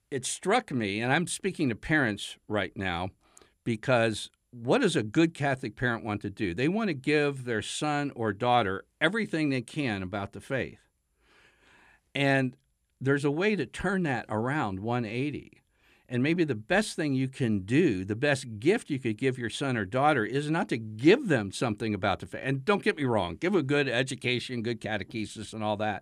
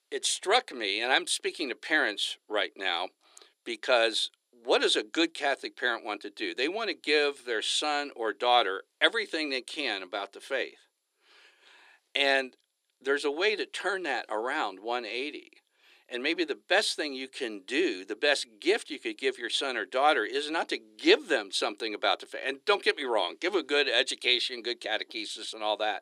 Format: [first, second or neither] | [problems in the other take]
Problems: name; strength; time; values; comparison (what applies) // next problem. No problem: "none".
first | thin; very; fading below 350 Hz